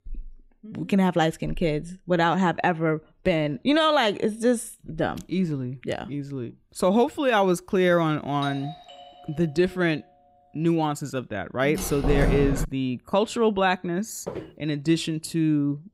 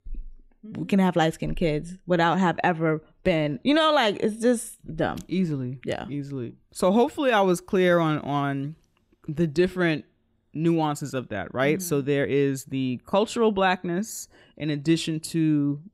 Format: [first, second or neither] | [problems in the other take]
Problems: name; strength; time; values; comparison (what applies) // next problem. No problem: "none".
second | doorbell; faint; from 8.5 to 10 s; peak 10 dB below the speech // door banging; noticeable; at 12 s; peak level with the speech // footsteps; faint; at 14 s; peak 10 dB below the speech